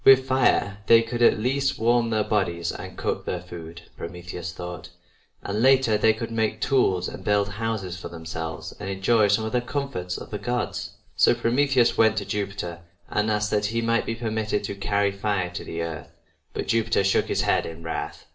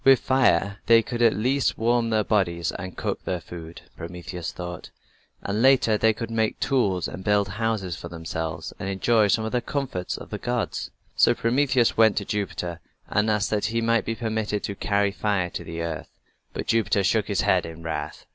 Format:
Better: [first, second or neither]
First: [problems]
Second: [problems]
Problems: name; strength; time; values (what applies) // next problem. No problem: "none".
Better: second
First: room echo; dies away in 0.4 s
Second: none